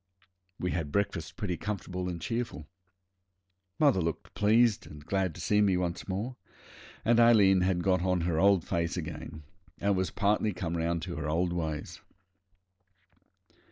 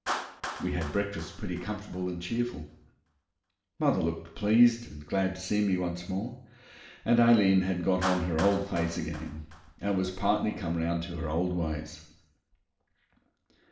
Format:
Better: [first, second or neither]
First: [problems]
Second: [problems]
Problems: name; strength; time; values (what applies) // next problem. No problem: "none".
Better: first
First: none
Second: background sound (Clapping); 15 dB below the speech // room echo; dies away in 0.6 s